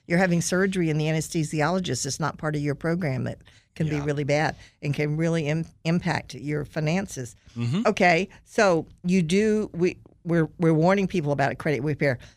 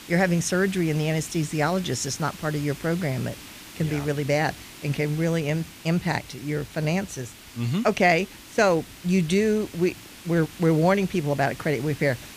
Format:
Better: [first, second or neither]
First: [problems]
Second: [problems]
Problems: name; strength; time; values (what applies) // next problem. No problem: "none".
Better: first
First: none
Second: hiss; noticeable; throughout; 15 dB below the speech